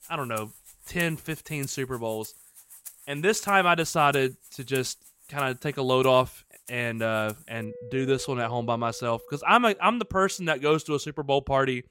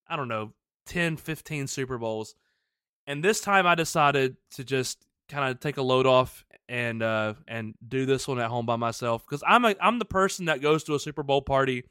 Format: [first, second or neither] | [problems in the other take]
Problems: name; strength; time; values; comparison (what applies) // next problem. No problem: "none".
second | background music; noticeable; throughout; 20 dB below the speech